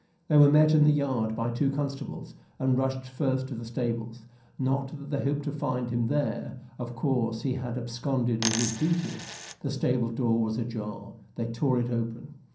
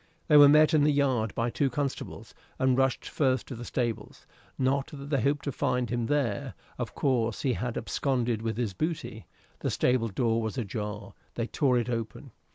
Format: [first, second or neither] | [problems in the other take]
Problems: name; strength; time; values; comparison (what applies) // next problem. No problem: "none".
second | background sound (Coin (dropping)); 7 dB below the speech // room echo; dies away in 0.6 s